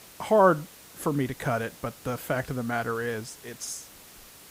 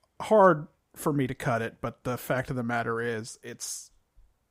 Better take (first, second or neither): second